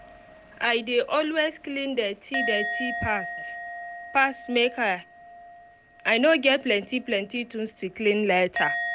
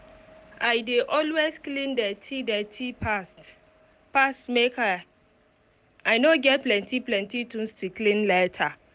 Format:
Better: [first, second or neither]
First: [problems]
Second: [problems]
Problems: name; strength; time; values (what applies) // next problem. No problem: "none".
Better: second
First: background sound (Musical instrument); 9 dB below the speech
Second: none